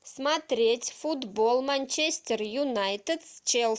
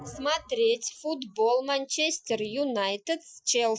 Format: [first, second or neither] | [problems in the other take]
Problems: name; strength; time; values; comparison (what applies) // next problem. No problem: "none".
first | noise reduction (classical method Wiener filter)